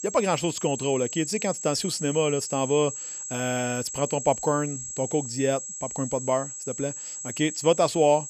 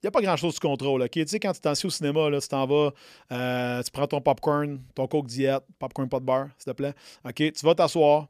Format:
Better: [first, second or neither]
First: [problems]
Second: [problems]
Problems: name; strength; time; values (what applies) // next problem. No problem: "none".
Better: second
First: high-pitched whine; loud; throughout; 7.5 kHz, 7 dB below the speech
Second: none